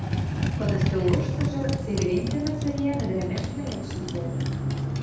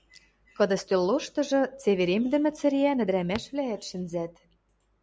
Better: second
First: background sound (Motorcycle); 3 dB above the speech // room echo; dies away in 0.8 s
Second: none

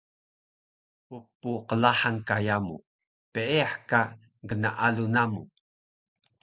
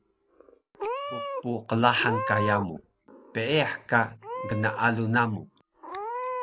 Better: first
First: none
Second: background sound (Meow / Purr); 7 dB below the speech

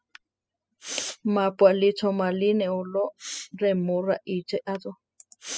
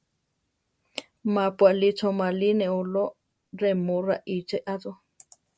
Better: second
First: noise reduction (classical method spectral subtraction)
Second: none

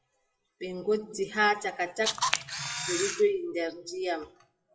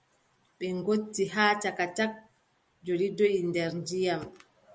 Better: second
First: noise reduction (classical method WPE with log-MMSE)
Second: none

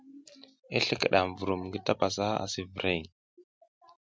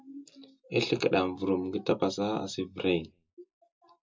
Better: first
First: none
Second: room echo; dies away in 0.2 s

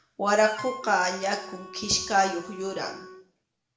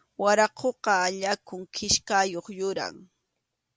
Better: second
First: background sound (Wind instrument, woodwind instrument); 15 dB below the speech // room echo; dies away in 0.6 s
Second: none

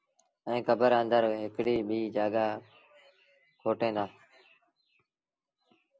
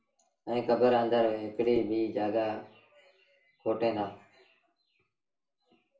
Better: first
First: none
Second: room echo; dies away in 0.4 s

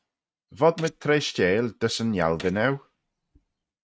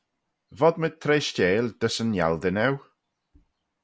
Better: second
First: noise reduction (neural mask model RNNoise)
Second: none

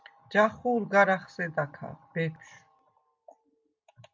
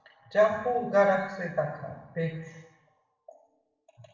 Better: first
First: none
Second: room echo; dies away in 0.8 s

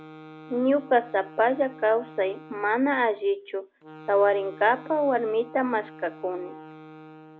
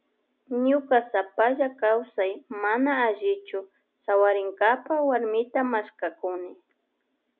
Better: second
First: background sound (Wind instrument, woodwind instrument); 19 dB below the speech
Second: none

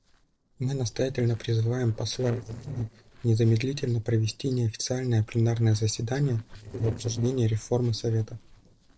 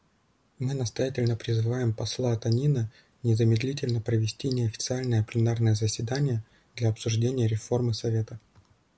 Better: second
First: noise reduction (neural separator model SepFormer DNS4)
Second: none

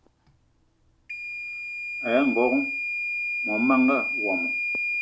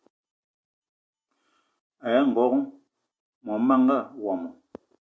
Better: second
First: background sound (Microwave oven / Alarm); 2 dB below the speech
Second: none

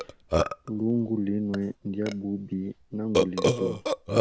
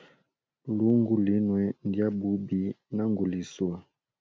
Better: second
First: background sound (Burping, eructation); 1 dB above the speech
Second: none

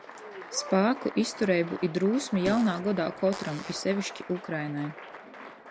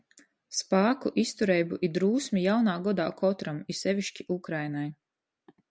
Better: second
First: background sound (Fart + Applause); 13 dB below the speech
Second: none

